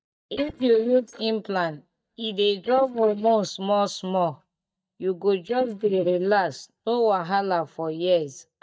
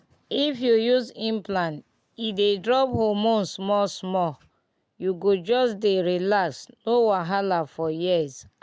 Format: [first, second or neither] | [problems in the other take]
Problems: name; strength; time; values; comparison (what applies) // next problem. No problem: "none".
second | noise reduction (neural mask model DeepFilterNet 3)